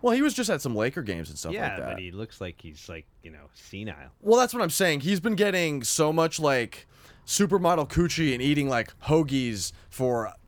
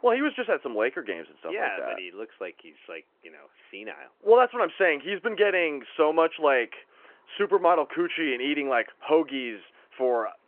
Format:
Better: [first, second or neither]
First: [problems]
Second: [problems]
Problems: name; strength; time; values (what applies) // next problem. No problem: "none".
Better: first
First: none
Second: phone-call audio